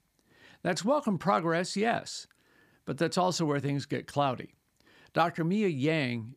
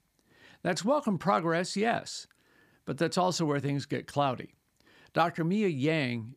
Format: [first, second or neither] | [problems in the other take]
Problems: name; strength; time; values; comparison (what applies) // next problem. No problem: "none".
neither | none